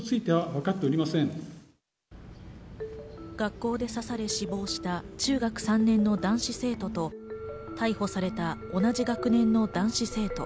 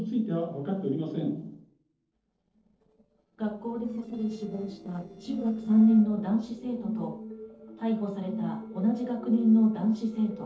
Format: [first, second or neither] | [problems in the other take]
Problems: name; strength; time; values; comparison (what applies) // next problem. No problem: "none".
first | noise reduction (neural separator model SepFormer DNS4)